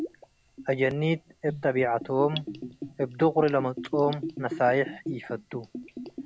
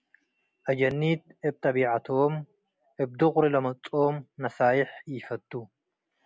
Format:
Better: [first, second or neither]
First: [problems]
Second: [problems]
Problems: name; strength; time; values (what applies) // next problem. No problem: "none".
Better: second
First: background sound (Bathtub (filling or washing) / Gurgling); 11 dB below the speech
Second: none